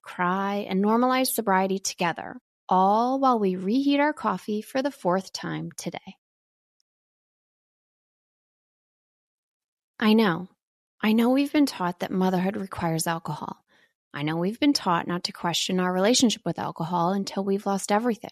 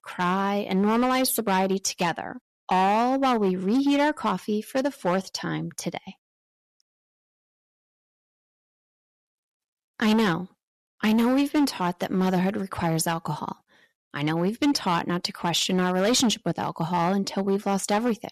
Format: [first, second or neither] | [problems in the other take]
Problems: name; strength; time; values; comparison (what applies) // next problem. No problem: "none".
first | distortion; slight; 8% of the sound clipped